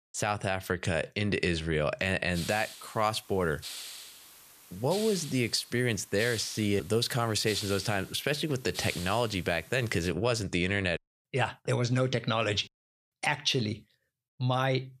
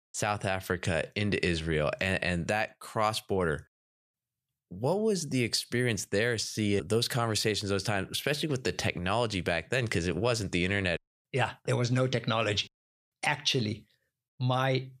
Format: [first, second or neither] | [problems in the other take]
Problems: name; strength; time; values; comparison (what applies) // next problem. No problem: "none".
second | hiss; noticeable; from 2.5 to 10 s; 10 dB below the speech